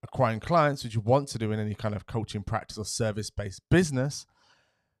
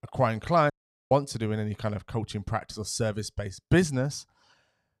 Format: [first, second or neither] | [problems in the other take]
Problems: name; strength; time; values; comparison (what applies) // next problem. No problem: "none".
first | audio cutting out; at 0.5 s